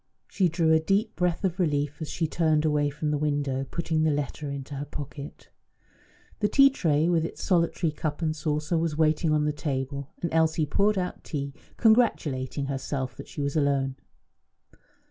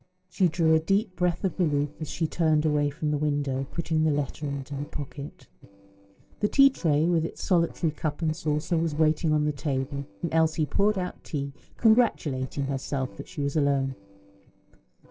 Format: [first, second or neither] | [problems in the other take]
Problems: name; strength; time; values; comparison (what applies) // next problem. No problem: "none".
first | noise reduction (neural separator model SepFormer DNS4)